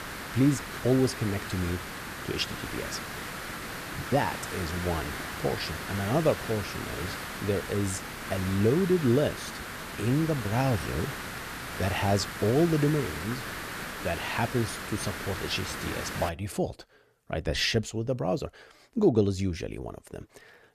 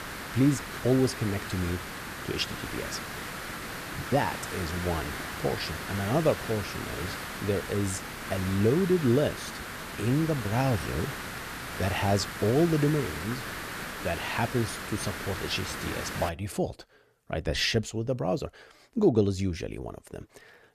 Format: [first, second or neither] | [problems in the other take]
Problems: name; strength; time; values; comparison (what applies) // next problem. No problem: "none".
neither | hiss; loud; until 16 s; 7 dB below the speech; the same in both